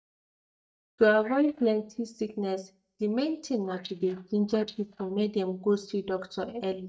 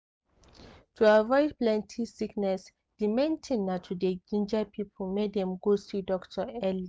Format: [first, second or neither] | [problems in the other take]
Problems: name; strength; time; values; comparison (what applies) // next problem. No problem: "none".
second | noise reduction (neural mask model DeepFilterNet 3)